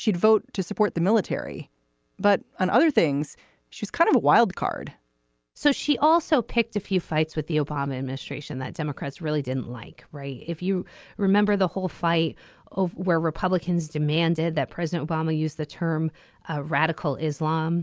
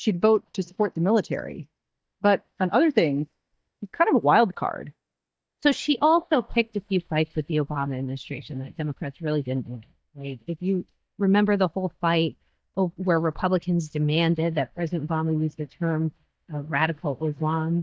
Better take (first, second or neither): first